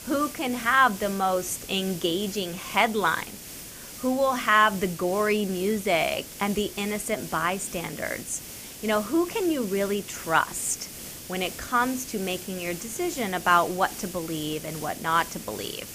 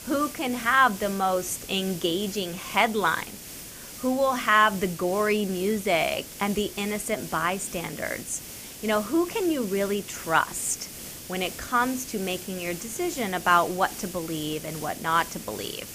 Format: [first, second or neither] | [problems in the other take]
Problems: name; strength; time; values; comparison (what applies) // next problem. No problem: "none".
neither | hiss; noticeable; throughout; 10 dB below the speech; the same in both